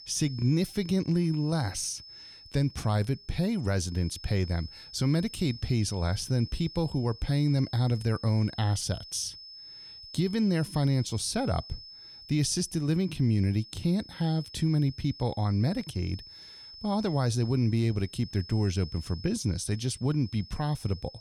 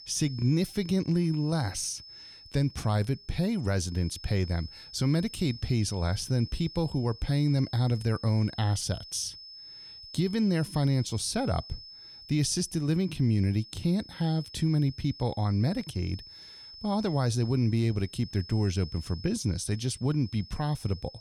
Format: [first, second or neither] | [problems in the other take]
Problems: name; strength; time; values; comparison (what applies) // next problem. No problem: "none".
neither | high-pitched whine; noticeable; throughout; 5 kHz, 15 dB below the speech; the same in both